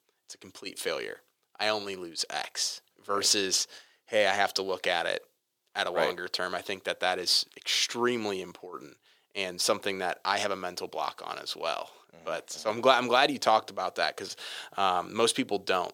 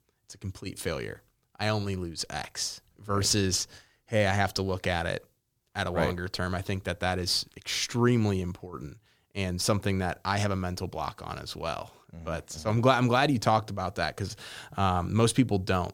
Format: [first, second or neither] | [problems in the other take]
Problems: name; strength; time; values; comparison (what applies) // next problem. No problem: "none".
second | thin; somewhat; fading below 450 Hz